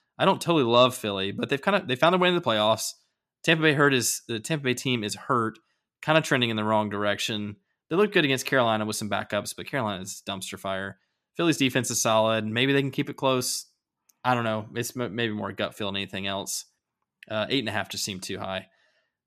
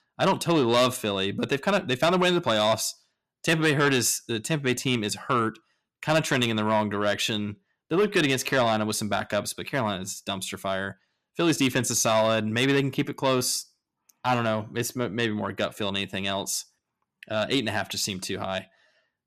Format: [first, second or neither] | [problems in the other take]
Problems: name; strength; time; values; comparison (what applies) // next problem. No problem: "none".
first | distortion; slight; 10 dB below the speech